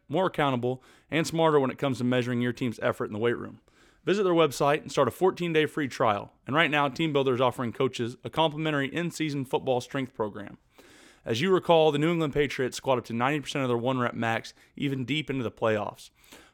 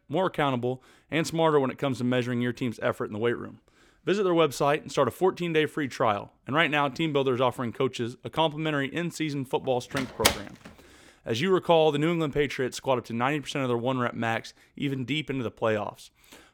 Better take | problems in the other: first | door banging; loud; at 10 s; peak 2 dB above the speech

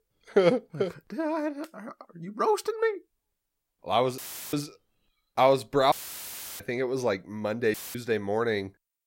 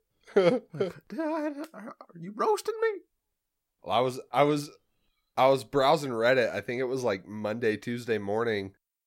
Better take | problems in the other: second | audio cutting out; filled with static; at 4 s, at 6 s for 0.5 s and at 7.5 s

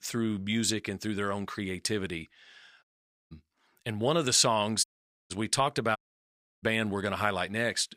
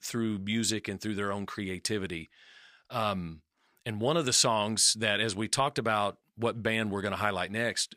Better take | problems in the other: second | audio cutting out; at 3 s, at 5 s and at 6 s for 0.5 s

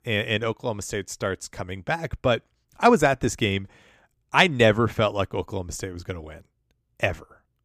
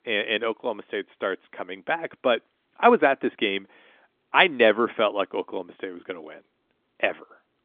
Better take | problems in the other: first | phone-call audio; nothing above 3.5 kHz

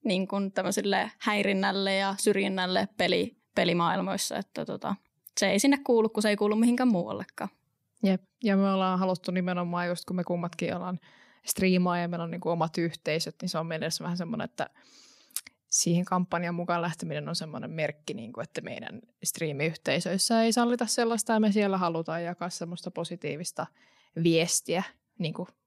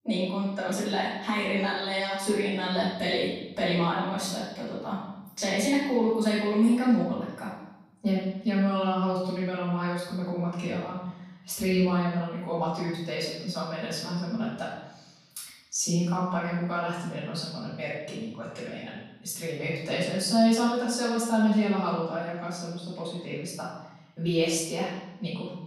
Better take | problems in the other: first | off-mic speech; far // room echo; noticeable; dies away in 0.9 s

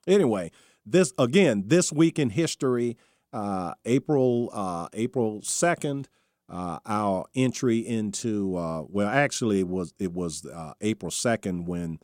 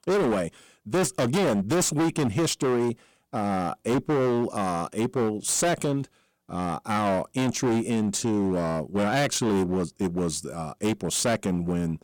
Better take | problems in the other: first | distortion; heavy; 20% of the sound clipped

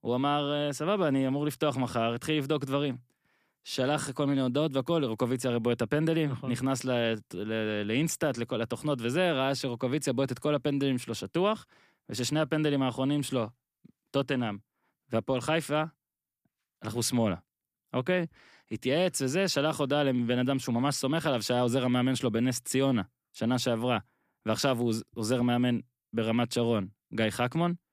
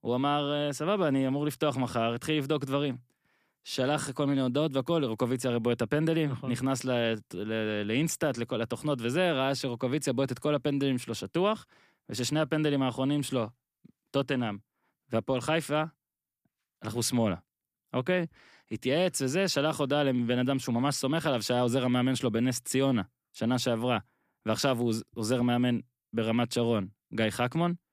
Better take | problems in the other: neither | none

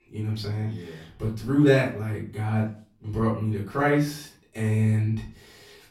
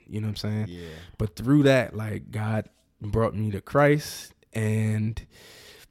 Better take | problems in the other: second | off-mic speech; far // room echo; slight; dies away in 0.3 s

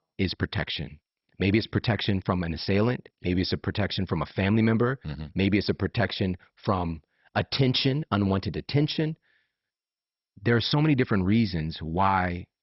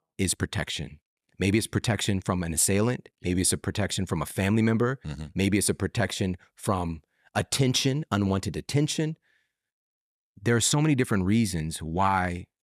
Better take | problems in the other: second | garbled, watery; badly; nothing above 5.5 kHz

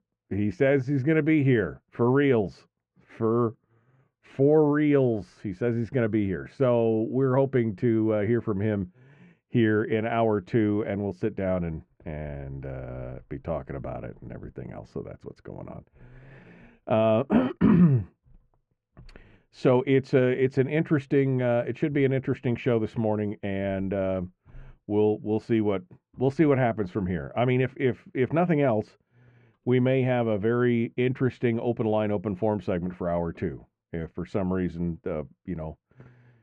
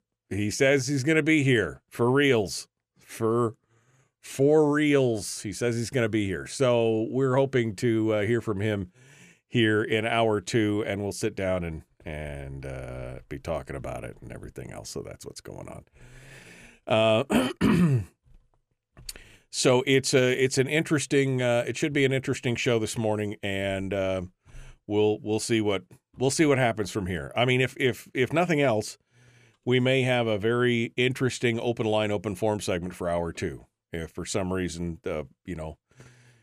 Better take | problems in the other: second | muffled; very; fading above 1.5 kHz

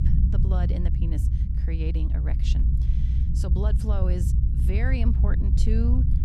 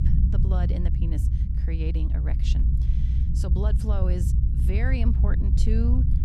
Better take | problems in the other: neither | low rumble; loud; throughout; 3 dB below the speech; the same in both

